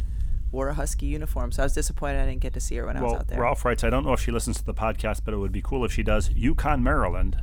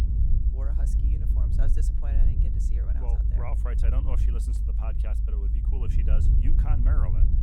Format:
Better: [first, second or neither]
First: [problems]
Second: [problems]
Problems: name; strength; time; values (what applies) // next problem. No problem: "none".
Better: first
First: low rumble; faint; throughout; 25 dB below the speech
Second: low rumble; loud; throughout; as loud as the speech